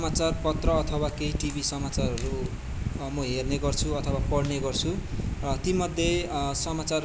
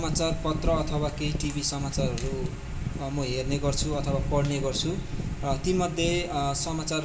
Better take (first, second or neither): first